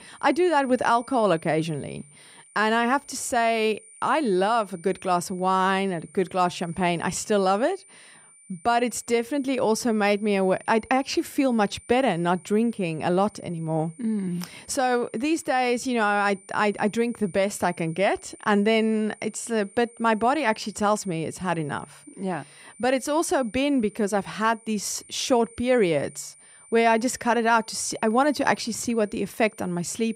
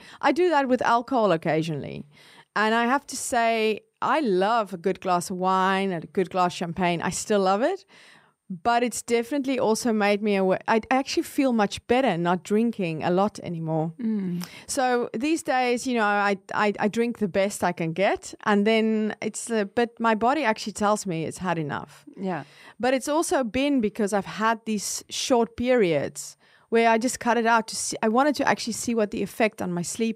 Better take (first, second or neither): second